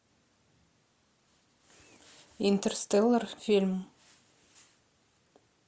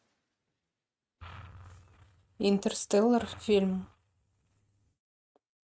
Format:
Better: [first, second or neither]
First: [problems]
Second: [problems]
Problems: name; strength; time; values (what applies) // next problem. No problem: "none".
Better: first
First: none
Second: noise reduction (neural mask model RNNoise)